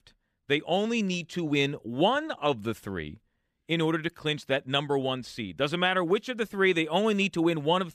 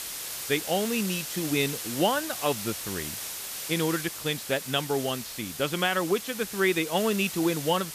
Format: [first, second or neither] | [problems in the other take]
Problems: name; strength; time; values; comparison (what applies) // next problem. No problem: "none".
first | hiss; loud; throughout; 6 dB below the speech